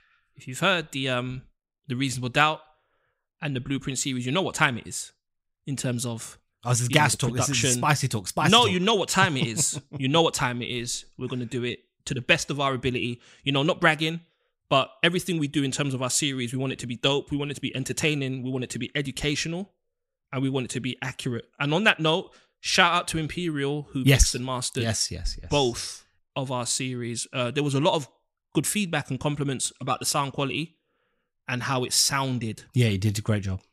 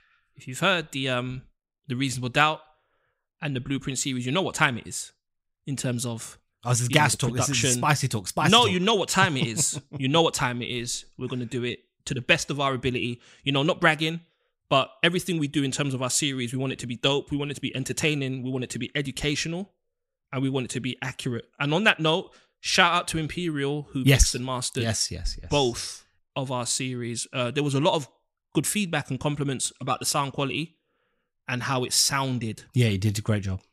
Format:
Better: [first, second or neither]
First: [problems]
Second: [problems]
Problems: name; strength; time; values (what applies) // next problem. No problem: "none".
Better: neither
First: none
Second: none